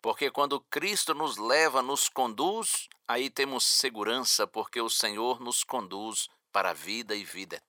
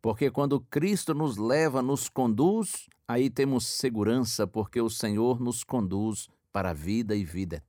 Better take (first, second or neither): second